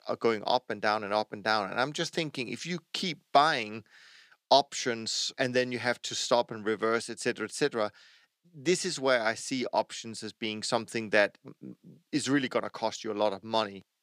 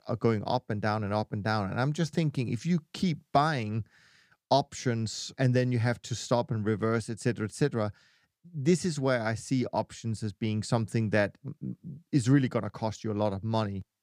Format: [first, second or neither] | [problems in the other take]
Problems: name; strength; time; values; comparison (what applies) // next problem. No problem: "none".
second | thin; somewhat; fading below 350 Hz